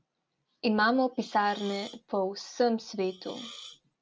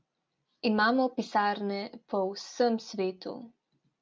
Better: second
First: background sound (Hiss); 18 dB below the speech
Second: none

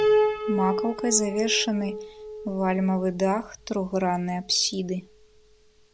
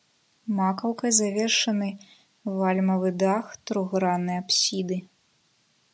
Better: second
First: background sound (Piano); 3 dB below the speech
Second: none

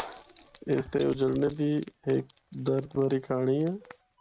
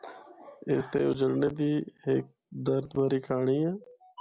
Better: second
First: noise reduction (neural mask model RNNoise)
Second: none

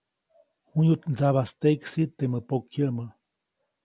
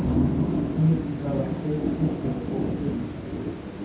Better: first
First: none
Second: background sound (Thunder / Rain); 3 dB above the speech // room echo; dies away in 0.6 s

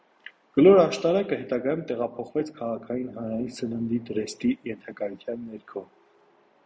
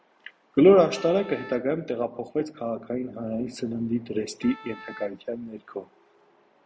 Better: first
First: none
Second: background sound (Wind instrument, woodwind instrument); 19 dB below the speech

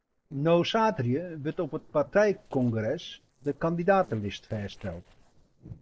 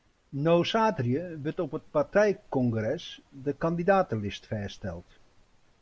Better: second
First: noise reduction (neural separator model SepFormer DNS4)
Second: none

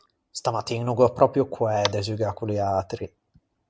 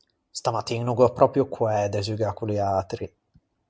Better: second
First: background sound (Tap); 16 dB below the speech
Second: none

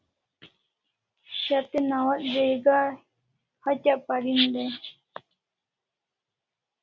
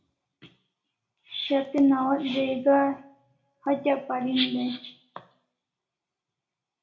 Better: first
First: none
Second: room echo; dies away in 0.4 s

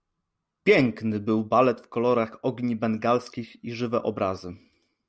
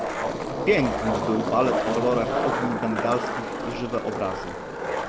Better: first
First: none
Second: background sound (Skateboard); as loud as the speech

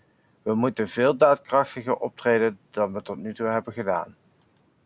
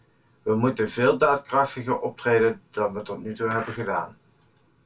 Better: first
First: none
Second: background sound (Skateboard); 15 dB below the speech // room echo; dies away in 0.2 s

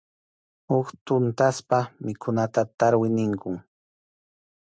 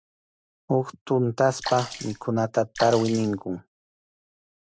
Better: first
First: none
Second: background sound (Sink (filling or washing) / Water / Splash, splatter); 8 dB below the speech

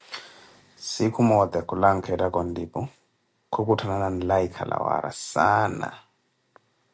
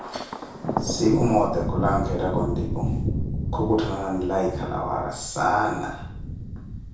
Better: first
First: none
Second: background sound (Thunder); 3 dB below the speech // room echo; dies away in 0.6 s

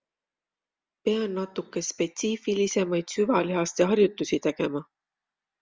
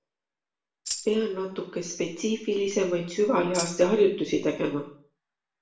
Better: first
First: none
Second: background sound (Tambourine); 9 dB below the speech // room echo; dies away in 0.5 s

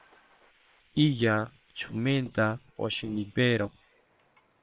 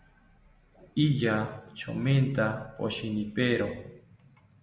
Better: second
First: noise reduction (neural separator model SepFormer WHAM!)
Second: none

